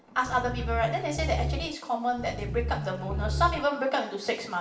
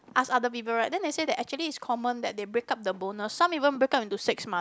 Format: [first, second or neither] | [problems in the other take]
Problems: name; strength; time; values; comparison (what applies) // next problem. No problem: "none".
second | background sound (Growling); 3 dB below the speech // room echo; dies away in 0.8 s